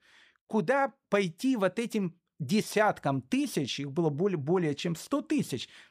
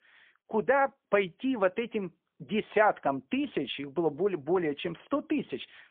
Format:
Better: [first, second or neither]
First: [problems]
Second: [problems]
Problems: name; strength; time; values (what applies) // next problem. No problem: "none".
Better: first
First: none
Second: phone-call audio; poor line; nothing above 3.5 kHz